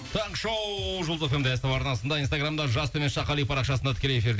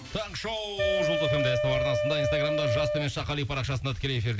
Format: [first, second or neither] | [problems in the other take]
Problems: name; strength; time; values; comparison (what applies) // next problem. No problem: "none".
first | background sound (Wind instrument, woodwind instrument); 2 dB above the speech